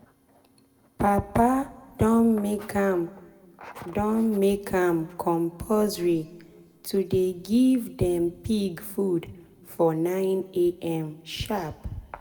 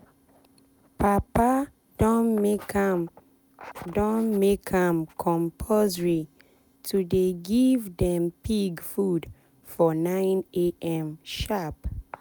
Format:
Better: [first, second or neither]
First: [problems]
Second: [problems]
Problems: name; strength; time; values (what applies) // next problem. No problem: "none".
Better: second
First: room echo; dies away in 1 s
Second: none